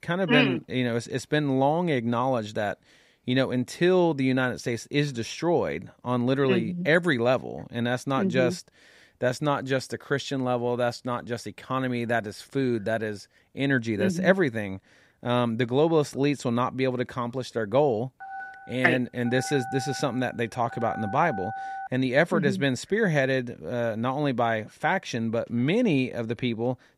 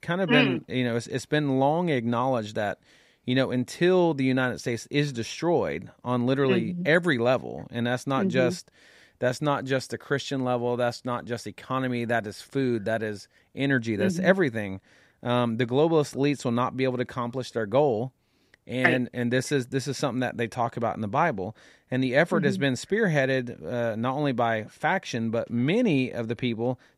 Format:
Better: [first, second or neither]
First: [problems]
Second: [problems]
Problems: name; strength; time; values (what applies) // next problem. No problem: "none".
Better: second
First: phone ringing; noticeable; from 18 to 22 s; peak 9 dB below the speech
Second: none